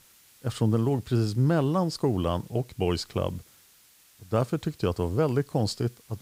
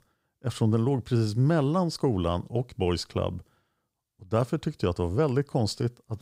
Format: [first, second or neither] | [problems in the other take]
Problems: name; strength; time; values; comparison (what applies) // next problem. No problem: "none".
second | hiss; faint; throughout; 25 dB below the speech